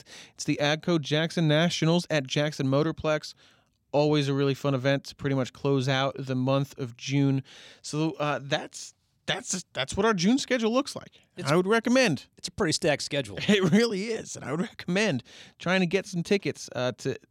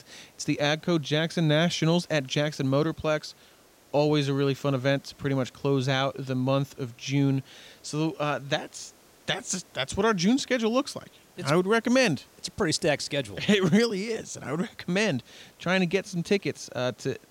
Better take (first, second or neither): first